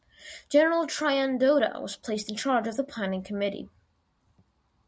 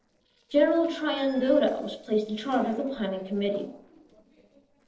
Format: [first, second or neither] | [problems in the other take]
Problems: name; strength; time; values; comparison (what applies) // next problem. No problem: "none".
first | noise reduction (neural separator model SepFormer DNS4)